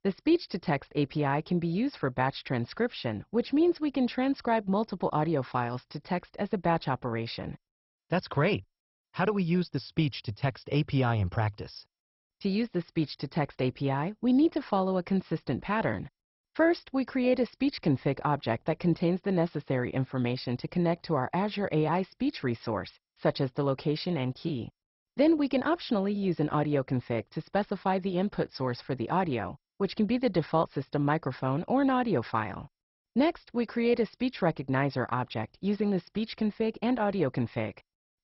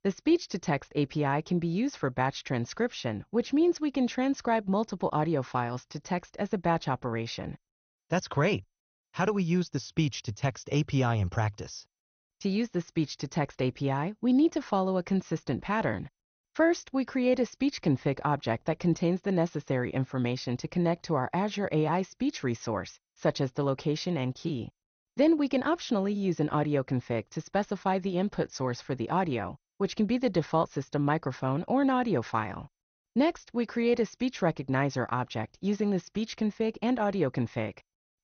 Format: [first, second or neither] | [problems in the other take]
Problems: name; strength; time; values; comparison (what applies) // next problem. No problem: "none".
second | garbled, watery; badly; nothing above 5.5 kHz; slightly in the second